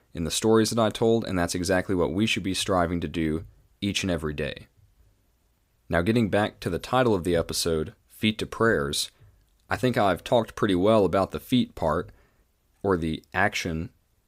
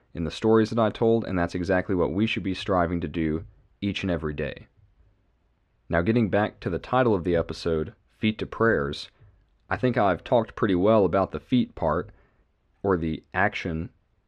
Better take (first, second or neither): first